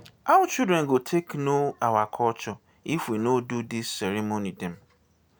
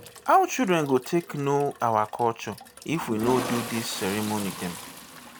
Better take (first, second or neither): first